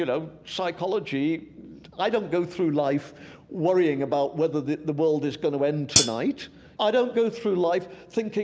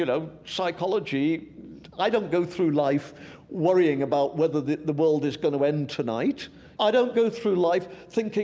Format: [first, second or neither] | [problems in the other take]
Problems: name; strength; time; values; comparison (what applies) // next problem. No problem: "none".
second | background sound (Hi-hat); 3 dB above the speech